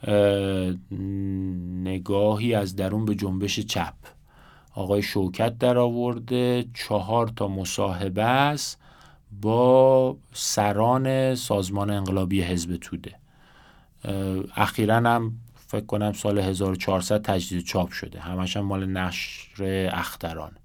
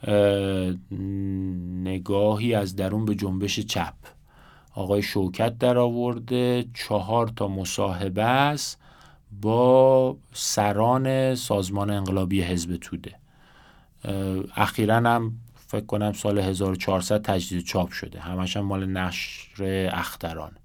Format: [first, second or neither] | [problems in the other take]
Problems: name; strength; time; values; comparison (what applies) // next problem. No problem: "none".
neither | none